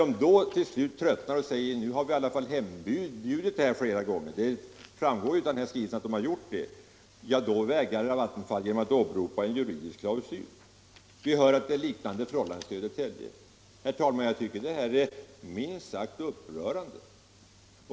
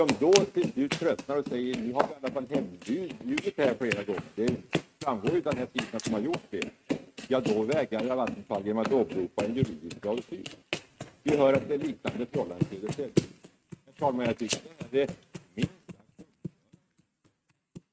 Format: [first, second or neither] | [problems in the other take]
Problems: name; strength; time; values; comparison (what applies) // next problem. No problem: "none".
first | noise reduction (neural mask model RNNoise)